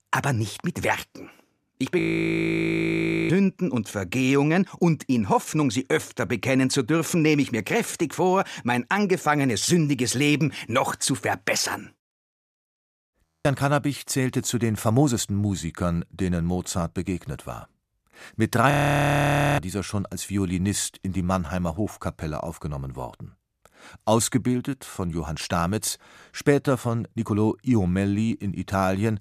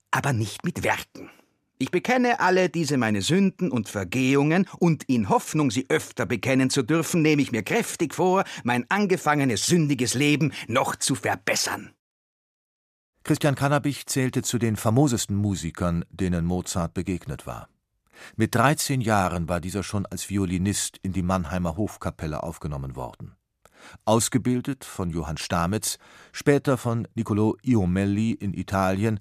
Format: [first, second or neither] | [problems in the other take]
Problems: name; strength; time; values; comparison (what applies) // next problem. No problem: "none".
second | audio freezing; at 2 s for 1.5 s, at 13 s and at 19 s for 1 s